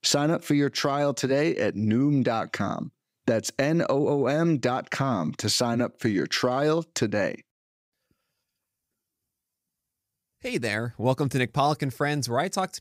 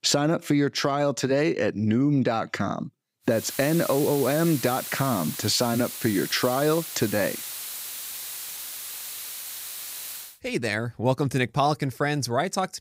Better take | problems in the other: first | hiss; loud; from 3.5 to 10 s; 8 dB below the speech

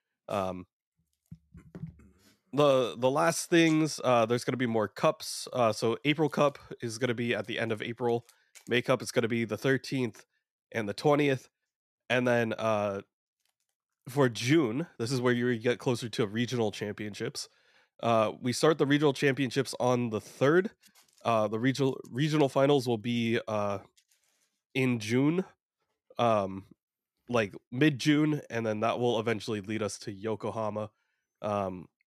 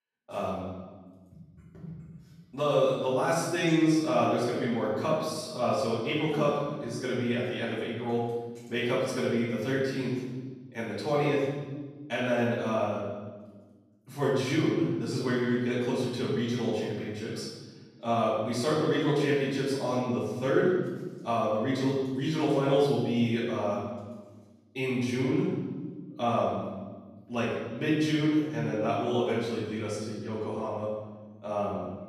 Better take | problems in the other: first | off-mic speech; far // room echo; strong; dies away in 1.3 s

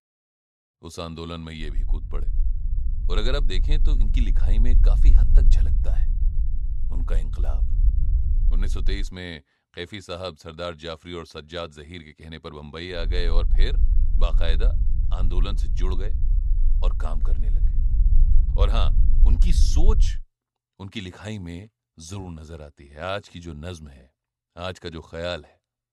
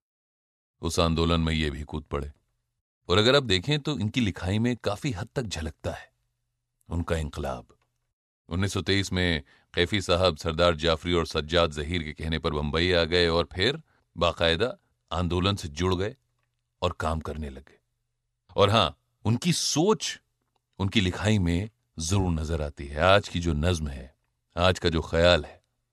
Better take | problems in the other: second | low rumble; noticeable; from 1.5 to 9 s and from 13 to 20 s; 10 dB below the speech

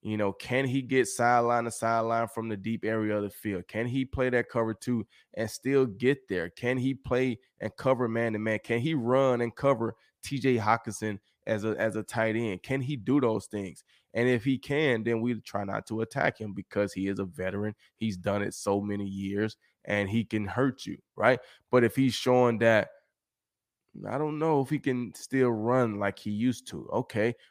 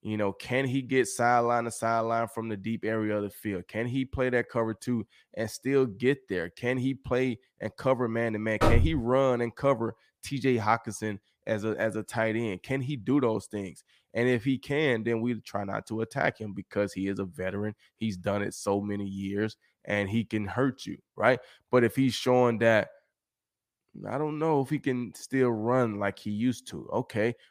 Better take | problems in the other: first | door banging; loud; at 8.5 s; peak 4 dB above the speech

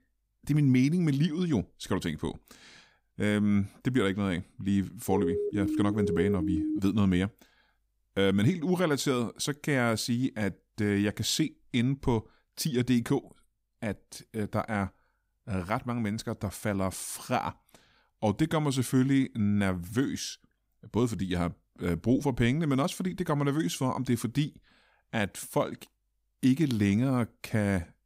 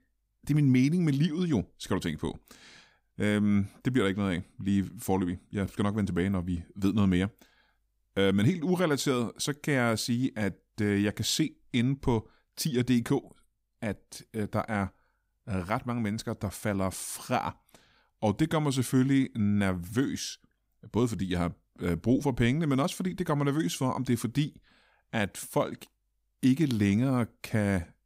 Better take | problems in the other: second | siren; noticeable; from 5 to 7 s; peak 1 dB below the speech

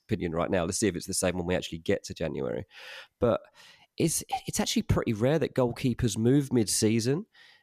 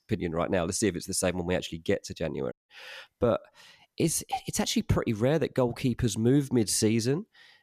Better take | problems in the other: first | audio cutting out; at 2.5 s

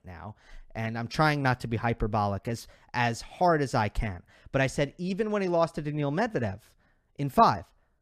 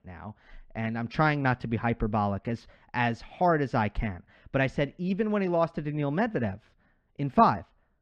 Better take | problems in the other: first | muffled; slightly; fading above 3 kHz

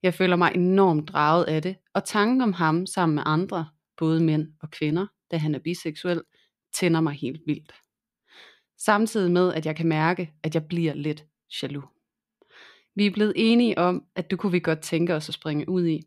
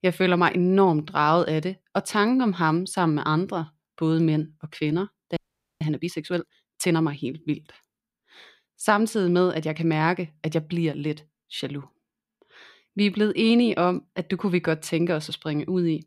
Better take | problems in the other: first | audio freezing; at 5.5 s

